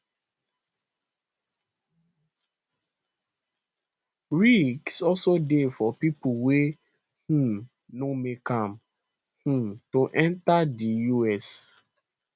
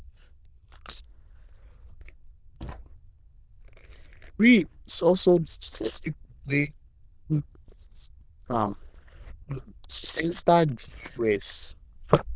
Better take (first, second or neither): first